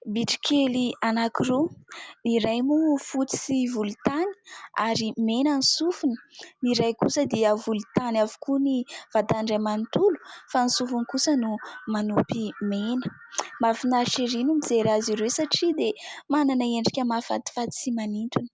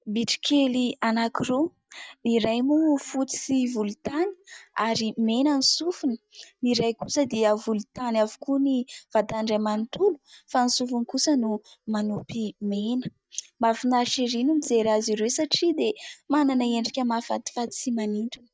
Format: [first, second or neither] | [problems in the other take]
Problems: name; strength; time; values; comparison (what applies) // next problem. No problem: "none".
first | noise reduction (neural mask model DeepFilterNet 3)